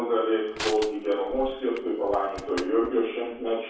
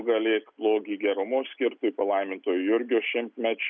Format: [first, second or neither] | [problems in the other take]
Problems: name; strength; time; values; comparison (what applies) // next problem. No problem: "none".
second | background sound (Crushing); 14 dB below the speech // room echo; dies away in 0.7 s